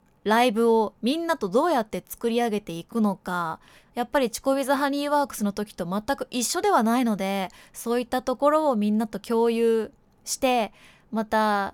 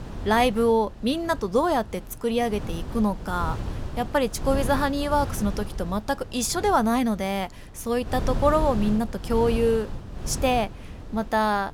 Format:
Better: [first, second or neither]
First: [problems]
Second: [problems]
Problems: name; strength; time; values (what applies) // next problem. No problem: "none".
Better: first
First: none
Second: wind noise on the microphone; occasional gusts; 15 dB below the speech